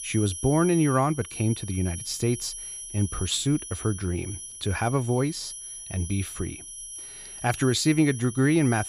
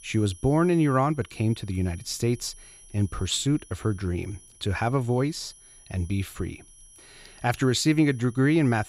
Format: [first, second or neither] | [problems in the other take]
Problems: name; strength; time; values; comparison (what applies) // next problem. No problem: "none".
second | high-pitched whine; loud; throughout; 10.5 kHz, 10 dB below the speech; faint in the second